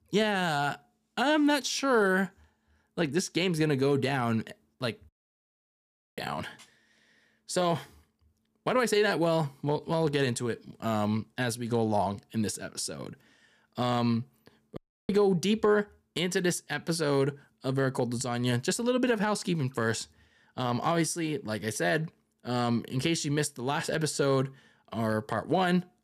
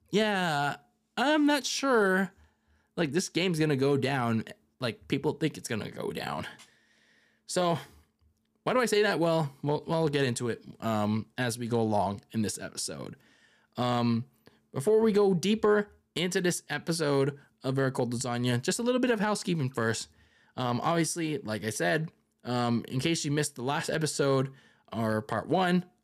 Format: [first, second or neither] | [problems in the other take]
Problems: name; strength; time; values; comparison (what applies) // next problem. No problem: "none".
second | audio cutting out; at 5 s for 1 s and at 15 s